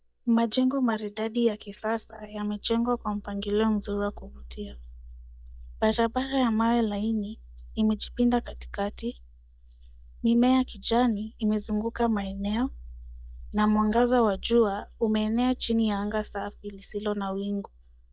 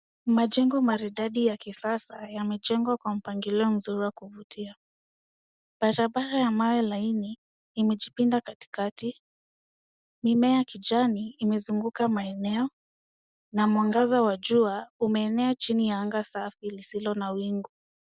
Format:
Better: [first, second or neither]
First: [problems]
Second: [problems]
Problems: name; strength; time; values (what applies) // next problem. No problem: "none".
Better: second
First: noise reduction (neural mask model DeepFilterNet 3)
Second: none